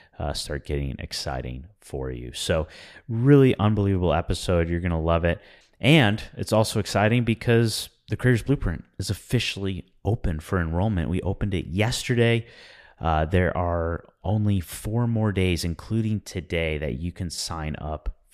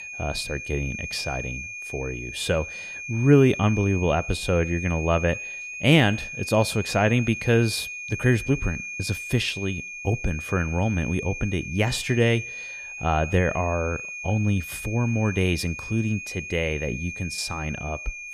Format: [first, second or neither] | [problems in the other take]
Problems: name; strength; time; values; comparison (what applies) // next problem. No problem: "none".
first | high-pitched whine; loud; throughout; 2.5 kHz, 8 dB below the speech